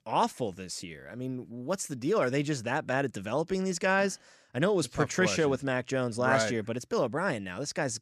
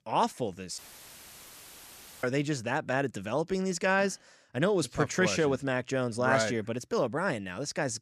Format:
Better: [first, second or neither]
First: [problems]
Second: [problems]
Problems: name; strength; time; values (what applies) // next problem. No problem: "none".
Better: first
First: none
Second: audio cutting out; filled with static; at 1 s for 1.5 s